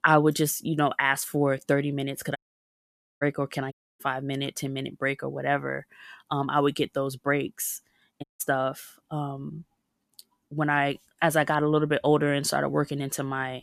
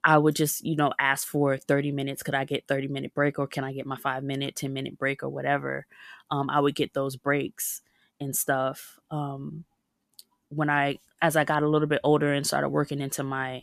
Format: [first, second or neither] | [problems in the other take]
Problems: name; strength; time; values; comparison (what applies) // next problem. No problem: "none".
second | audio cutting out; at 2.5 s for 1 s, at 3.5 s and at 8 s